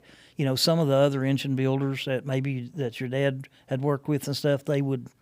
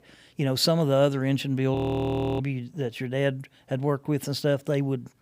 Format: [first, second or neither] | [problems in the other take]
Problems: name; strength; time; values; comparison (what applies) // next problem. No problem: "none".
first | audio freezing; at 2 s for 0.5 s